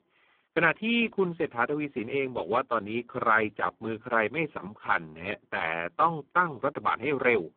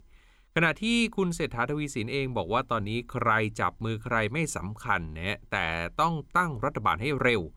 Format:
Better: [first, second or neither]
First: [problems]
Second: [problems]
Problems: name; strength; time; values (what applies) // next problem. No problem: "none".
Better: second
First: phone-call audio; poor line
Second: none